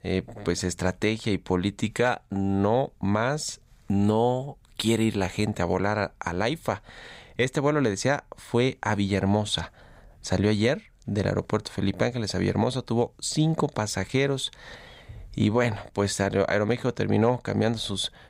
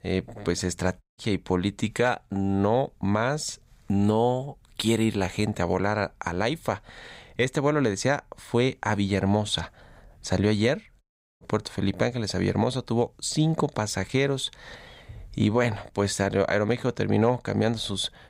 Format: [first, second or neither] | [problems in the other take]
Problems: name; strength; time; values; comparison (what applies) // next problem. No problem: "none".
first | audio cutting out; at 1 s and at 11 s